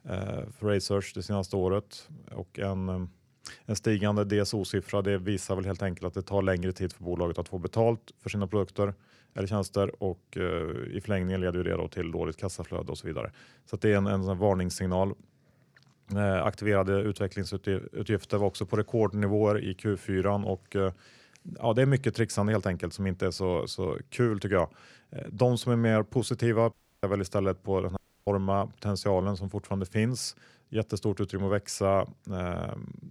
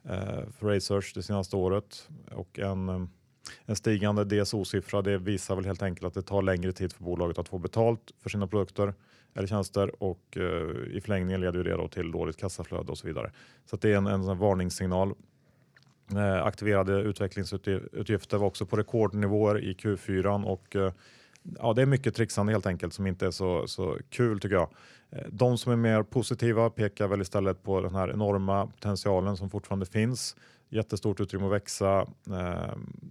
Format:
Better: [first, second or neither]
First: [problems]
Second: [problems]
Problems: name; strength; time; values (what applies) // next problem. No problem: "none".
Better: second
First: audio cutting out; at 27 s and at 28 s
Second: none